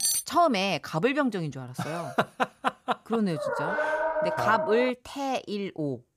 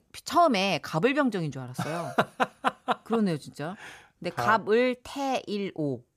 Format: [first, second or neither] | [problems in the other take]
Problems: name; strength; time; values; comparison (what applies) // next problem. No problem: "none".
second | clattering dishes; loud; at the start; peak 3 dB above the speech // dog barking; loud; from 3.5 to 5 s; peak 1 dB above the speech